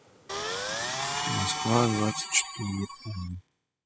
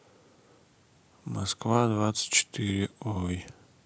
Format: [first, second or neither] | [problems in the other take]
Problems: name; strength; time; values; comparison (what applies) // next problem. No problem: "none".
second | noise reduction (classical method spectral subtraction)